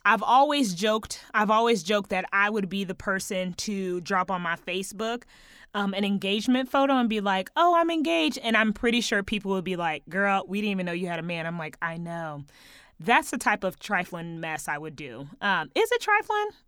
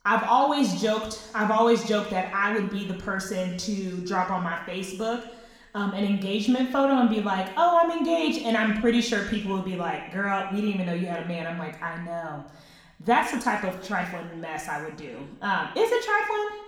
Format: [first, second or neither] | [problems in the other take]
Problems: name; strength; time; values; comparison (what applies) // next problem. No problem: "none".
first | room echo; slight; dies away in 0.9 s // off-mic speech; somewhat distant